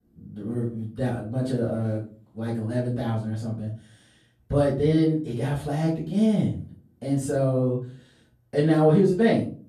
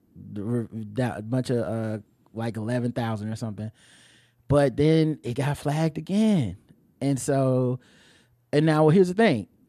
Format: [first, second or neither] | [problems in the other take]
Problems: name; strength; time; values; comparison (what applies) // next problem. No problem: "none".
second | off-mic speech; far // room echo; slight; dies away in 0.4 s